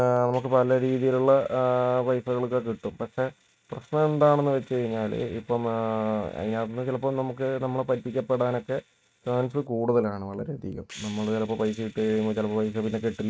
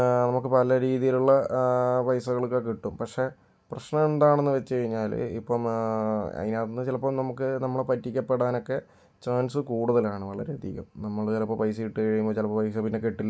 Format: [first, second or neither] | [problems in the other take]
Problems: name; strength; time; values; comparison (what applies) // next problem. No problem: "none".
second | noise reduction (neural mask model RNNoise)